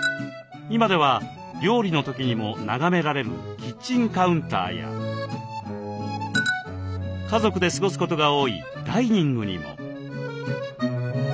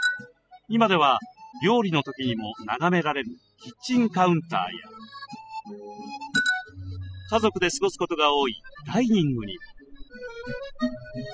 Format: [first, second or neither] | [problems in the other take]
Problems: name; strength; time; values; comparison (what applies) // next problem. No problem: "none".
first | noise reduction (classical method spectral subtraction)